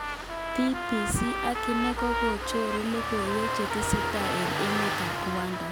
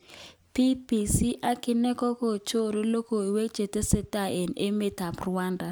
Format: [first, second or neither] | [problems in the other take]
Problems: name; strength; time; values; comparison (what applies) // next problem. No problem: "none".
second | background sound (Trumpet + Engine starting); as loud as the speech